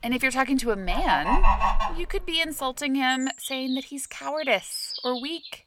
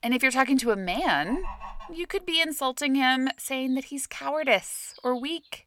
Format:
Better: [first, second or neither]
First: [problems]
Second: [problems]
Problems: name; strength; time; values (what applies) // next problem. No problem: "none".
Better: second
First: animal sounds; loud; throughout; 3 dB below the speech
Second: animal sounds; faint; throughout; 20 dB below the speech